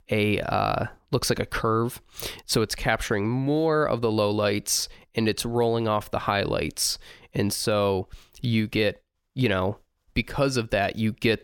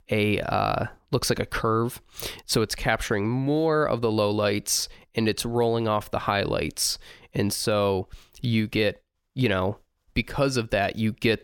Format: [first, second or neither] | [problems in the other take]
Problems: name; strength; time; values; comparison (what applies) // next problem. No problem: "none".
neither | none